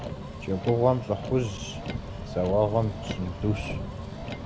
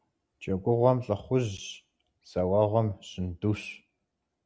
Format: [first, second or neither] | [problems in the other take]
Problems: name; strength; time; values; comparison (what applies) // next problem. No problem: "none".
second | background sound (Motor vehicle (road)); 6 dB below the speech